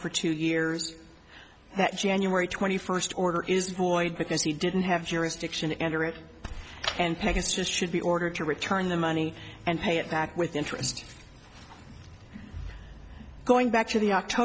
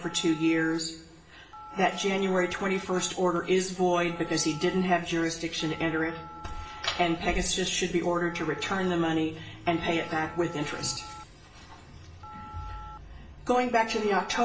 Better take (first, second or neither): first